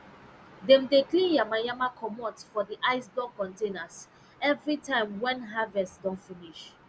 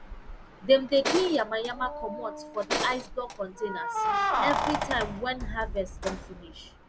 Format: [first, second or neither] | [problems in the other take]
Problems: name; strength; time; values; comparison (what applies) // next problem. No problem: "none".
first | background sound (Keys jangling + Tools); 2 dB below the speech